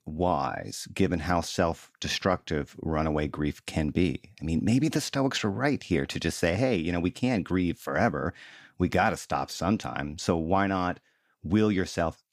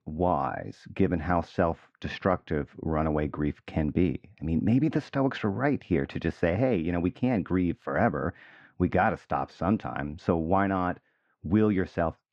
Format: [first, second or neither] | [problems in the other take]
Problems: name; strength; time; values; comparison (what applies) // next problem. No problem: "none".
first | muffled; very; fading above 2 kHz